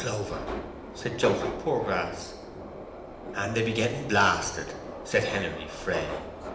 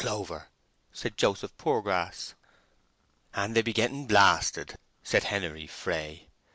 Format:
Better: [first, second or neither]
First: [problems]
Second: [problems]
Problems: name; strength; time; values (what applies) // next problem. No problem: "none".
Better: second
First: background sound (Subway, metro, underground); 7 dB below the speech // room echo; dies away in 0.8 s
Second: none